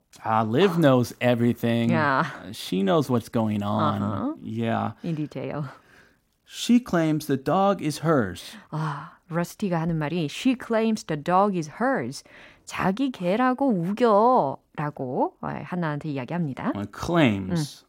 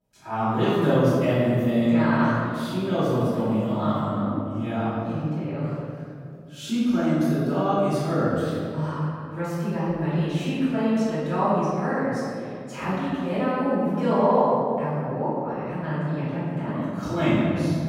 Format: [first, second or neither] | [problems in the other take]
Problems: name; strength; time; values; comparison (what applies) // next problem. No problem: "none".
first | off-mic speech; far // room echo; strong; dies away in 2.5 s